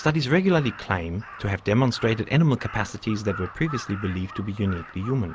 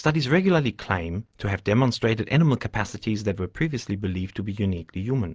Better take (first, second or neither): second